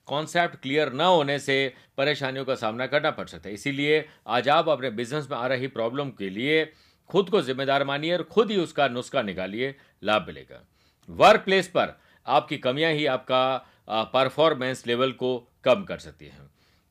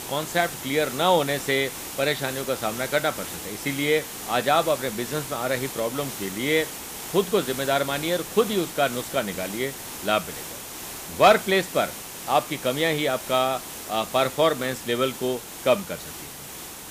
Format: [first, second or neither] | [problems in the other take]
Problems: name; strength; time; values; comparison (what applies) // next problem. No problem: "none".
first | hiss; loud; throughout; 9 dB below the speech